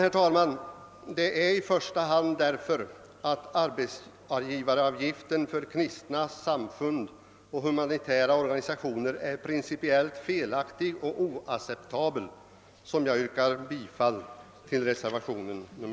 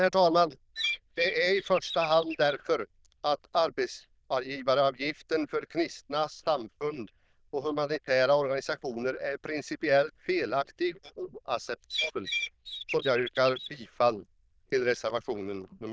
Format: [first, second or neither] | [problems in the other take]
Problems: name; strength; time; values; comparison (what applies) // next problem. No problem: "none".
first | noise reduction (neural diffusion model UNIVERSE++)